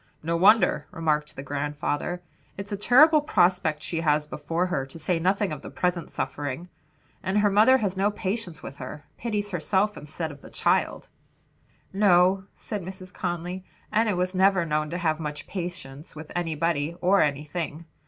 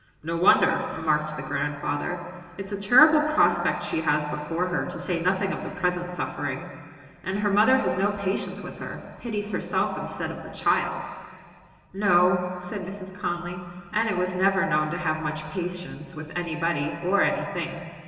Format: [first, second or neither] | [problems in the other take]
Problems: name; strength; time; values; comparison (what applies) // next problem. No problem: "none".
first | room echo; dies away in 2.5 s